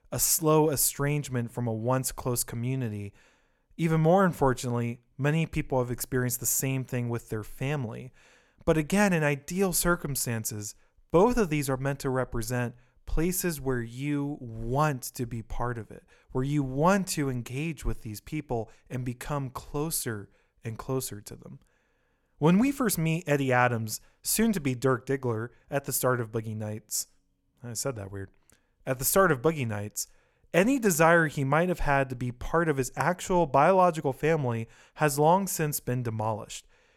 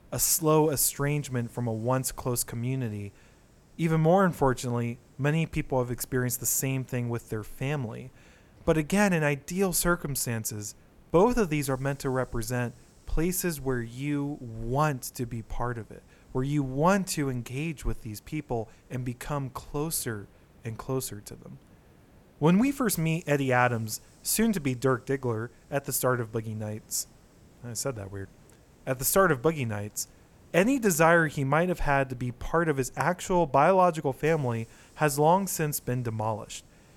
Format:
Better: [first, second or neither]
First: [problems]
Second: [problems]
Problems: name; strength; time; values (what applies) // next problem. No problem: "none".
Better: first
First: none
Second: hiss; faint; throughout; 30 dB below the speech